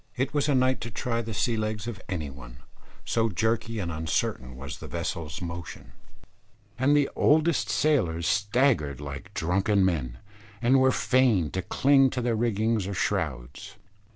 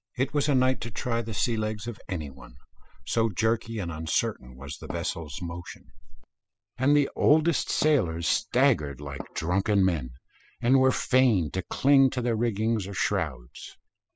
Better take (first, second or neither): first